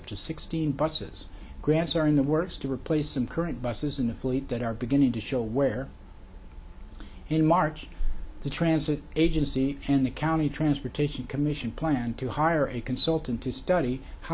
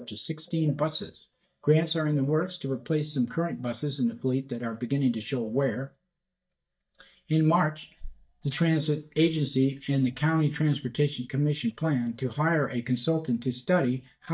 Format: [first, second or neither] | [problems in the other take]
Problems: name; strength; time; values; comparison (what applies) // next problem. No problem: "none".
first | noise reduction (neural mask model DeepFilterNet 3)